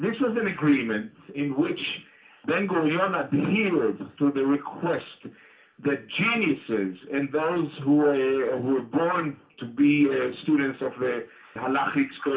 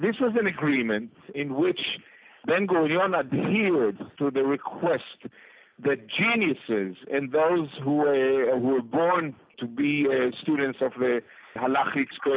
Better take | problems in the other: second | room echo; dies away in 0.2 s

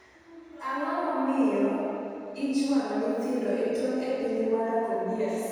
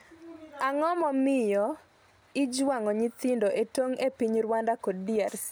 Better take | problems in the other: second | room echo; dies away in 2.1 s

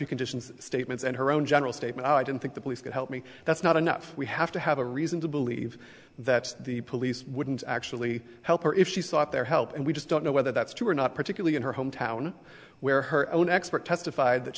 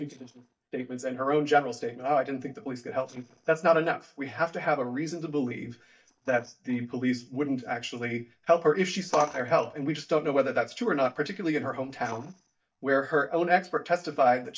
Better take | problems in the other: first | noise reduction (neural mask model DeepFilterNet 3)

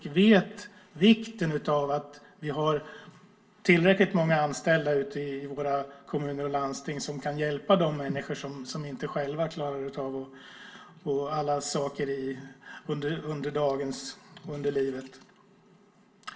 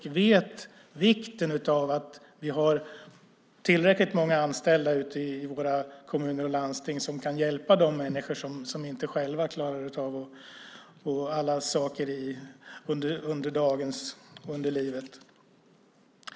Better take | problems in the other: second | room echo; dies away in 0.2 s

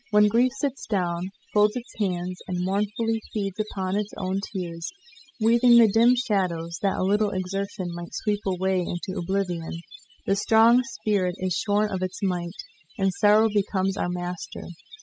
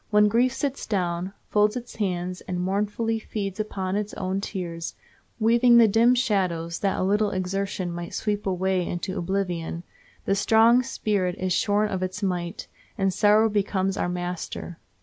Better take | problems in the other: second | noise reduction (classical method spectral subtraction)

